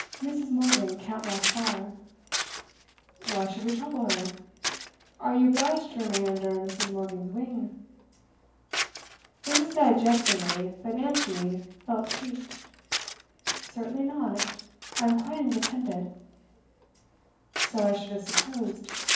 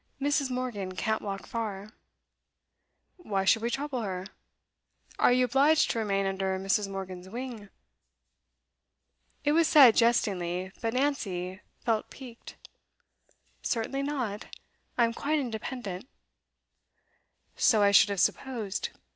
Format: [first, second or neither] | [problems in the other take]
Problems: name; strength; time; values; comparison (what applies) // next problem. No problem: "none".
second | background sound (Scissors); 4 dB below the speech // room echo; dies away in 0.9 s